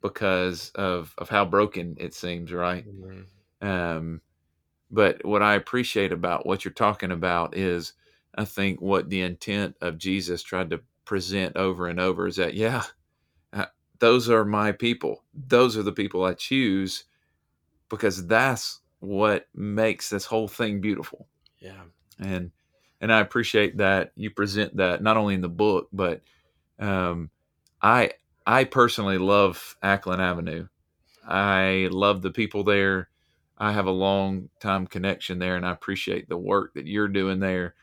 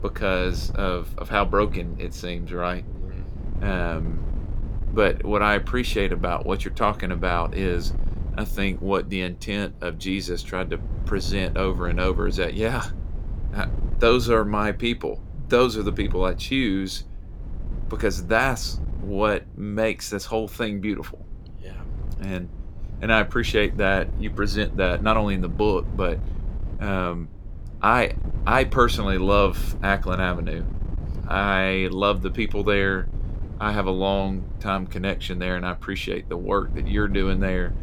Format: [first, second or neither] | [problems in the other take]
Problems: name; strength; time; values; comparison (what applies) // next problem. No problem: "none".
first | wind noise on the microphone; occasional gusts; 20 dB below the speech